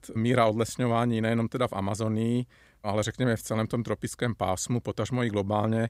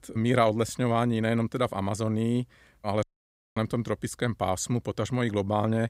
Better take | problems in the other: first | audio cutting out; at 3 s for 0.5 s

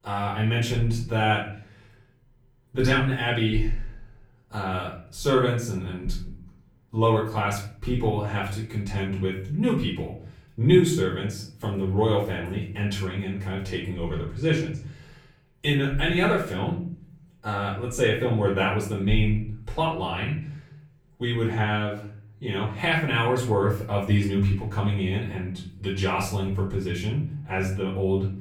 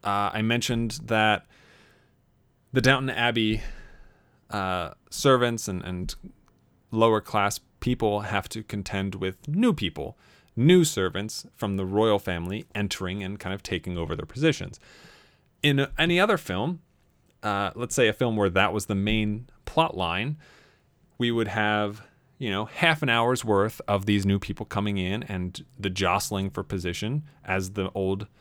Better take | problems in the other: second | room echo; noticeable; dies away in 0.6 s // off-mic speech; far

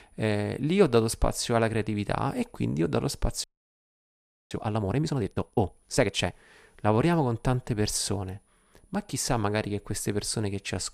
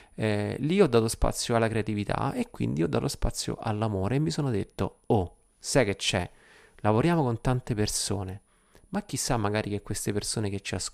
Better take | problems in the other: second | audio freezing; at 3.5 s for 1 s

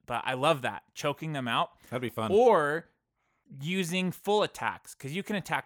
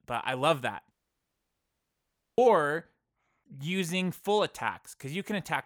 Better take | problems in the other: first | audio cutting out; at 1 s for 1.5 s

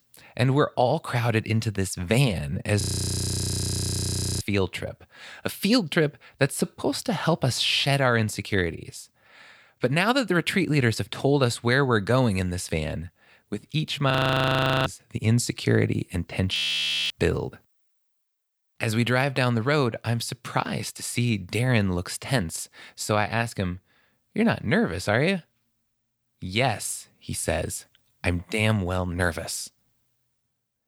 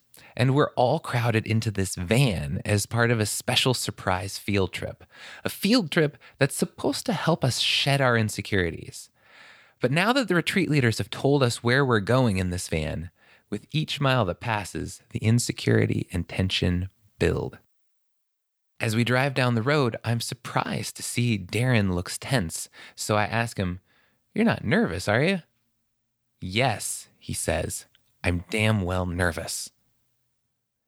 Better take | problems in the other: second | audio freezing; at 3 s for 1.5 s, at 14 s for 1 s and at 17 s for 0.5 s

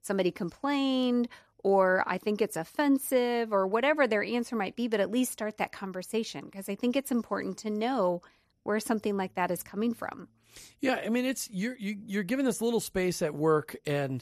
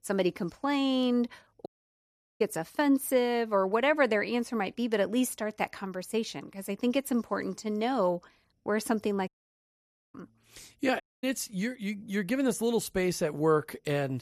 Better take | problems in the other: first | audio cutting out; at 1.5 s for 0.5 s, at 9.5 s for 1 s and at 11 s

